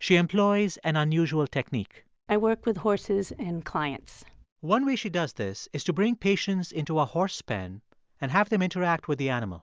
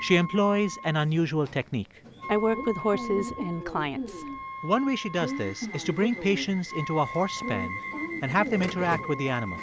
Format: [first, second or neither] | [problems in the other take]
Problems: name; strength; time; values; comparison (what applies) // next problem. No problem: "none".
first | background sound (Subway, metro, underground / Alarm + Wind instrument, woodwind instrument); 9 dB below the speech